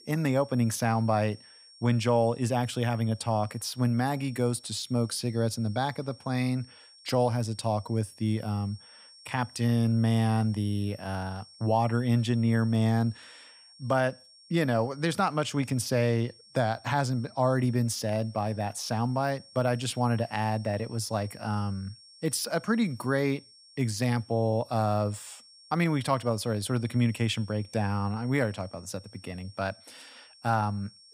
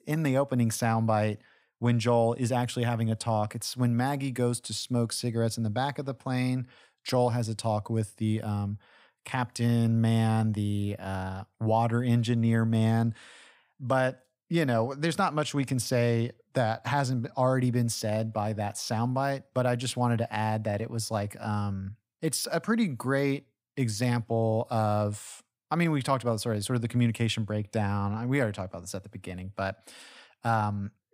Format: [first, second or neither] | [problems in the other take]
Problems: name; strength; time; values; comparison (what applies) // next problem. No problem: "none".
second | high-pitched whine; faint; throughout; 5.5 kHz, 25 dB below the speech